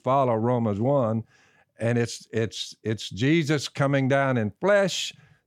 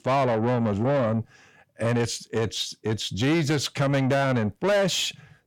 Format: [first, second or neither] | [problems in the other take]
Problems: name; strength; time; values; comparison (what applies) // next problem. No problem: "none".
first | distortion; slight; 10 dB below the speech